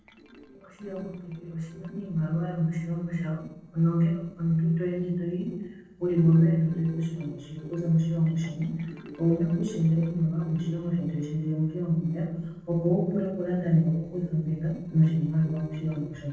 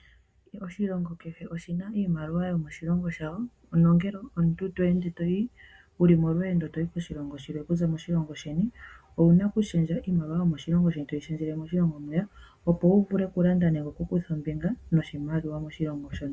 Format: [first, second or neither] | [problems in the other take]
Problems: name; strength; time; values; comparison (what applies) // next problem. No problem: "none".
second | noise reduction (neural separator model SepFormer DNS4)